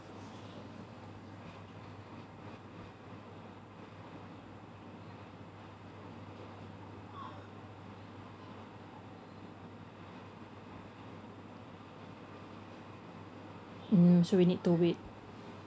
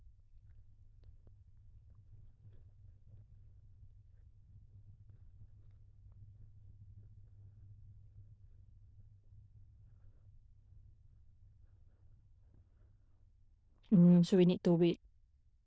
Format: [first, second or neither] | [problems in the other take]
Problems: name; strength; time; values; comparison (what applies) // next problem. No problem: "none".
first | noise reduction (neural diffusion model UNIVERSE++)